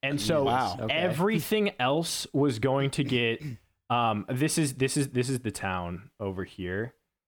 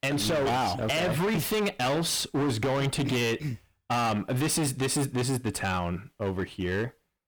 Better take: first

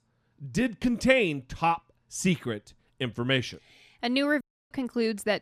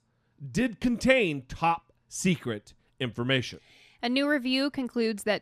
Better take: second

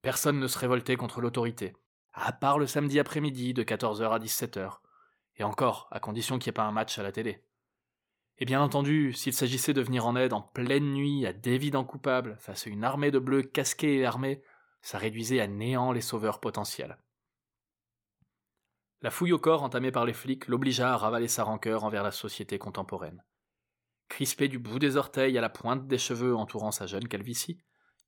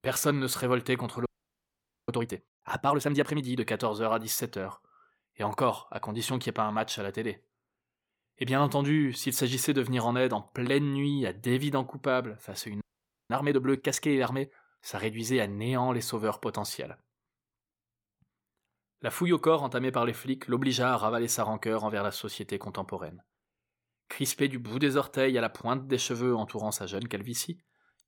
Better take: first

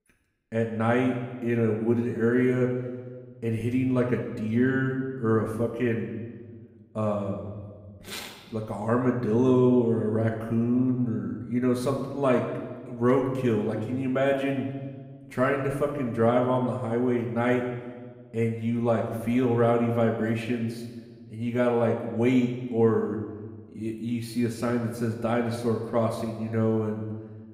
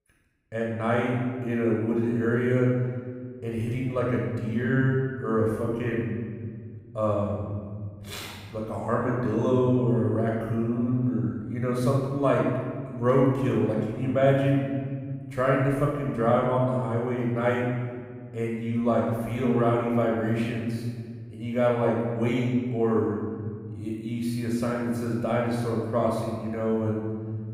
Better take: first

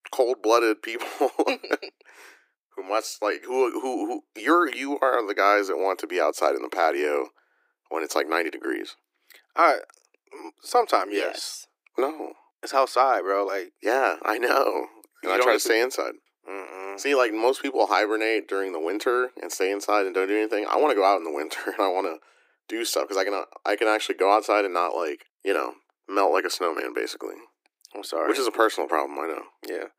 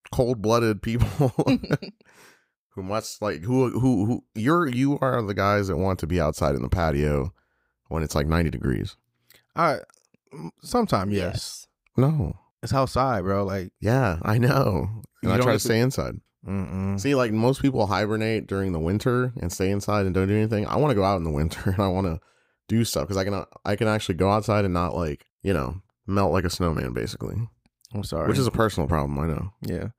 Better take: second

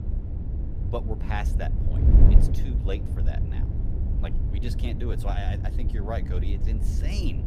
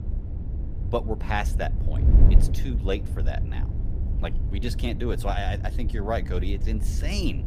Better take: second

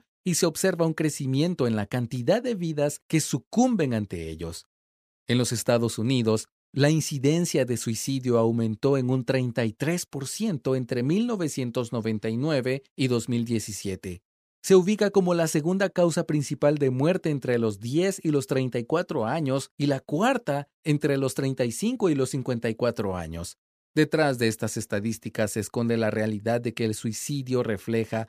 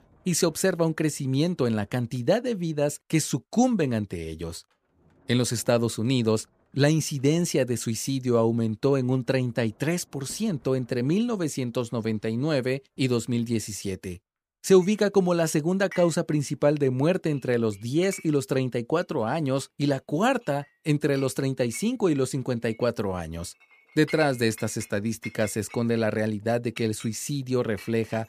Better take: first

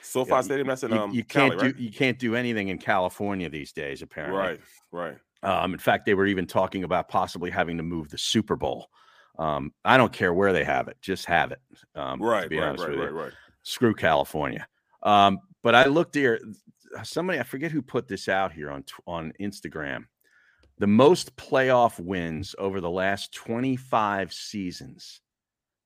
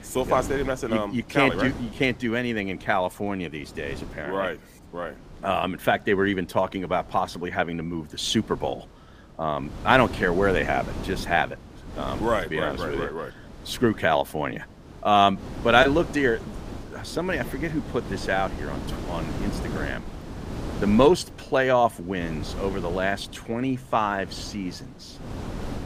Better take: first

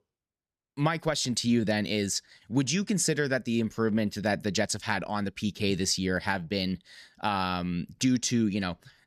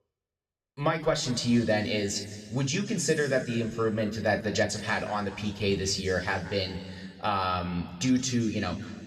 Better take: first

